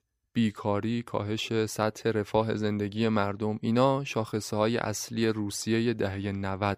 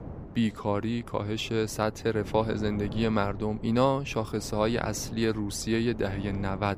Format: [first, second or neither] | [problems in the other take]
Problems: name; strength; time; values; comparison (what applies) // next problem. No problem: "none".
first | wind noise on the microphone; occasional gusts; 15 dB below the speech